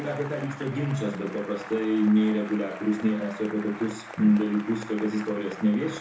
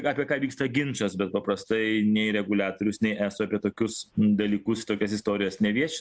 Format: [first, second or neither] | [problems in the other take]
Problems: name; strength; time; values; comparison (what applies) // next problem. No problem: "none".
second | background sound (Applause / Cheering); 15 dB below the speech // room echo; dies away in 0.6 s